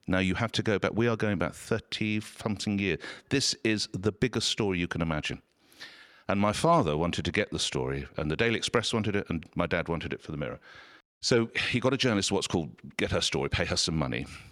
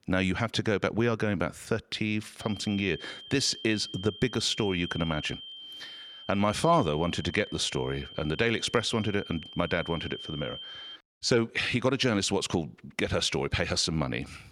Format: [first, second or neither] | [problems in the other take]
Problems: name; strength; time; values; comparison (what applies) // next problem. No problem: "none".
first | high-pitched whine; noticeable; from 2.5 to 11 s; 3 kHz, 15 dB below the speech